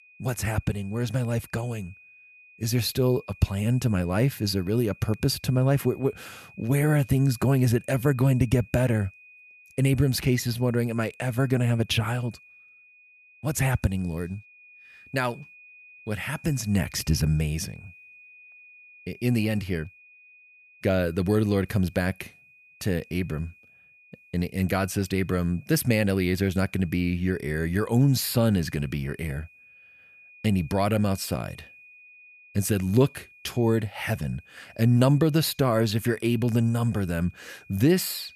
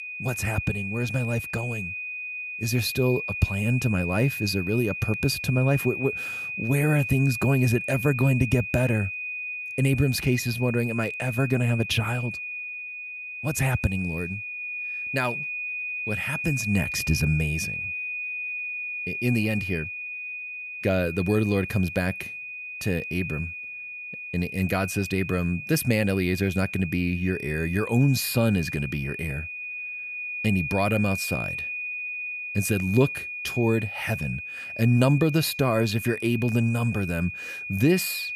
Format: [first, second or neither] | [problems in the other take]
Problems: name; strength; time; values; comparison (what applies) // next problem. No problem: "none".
first | high-pitched whine; loud; throughout; 2.5 kHz, 6 dB below the speech; faint in the first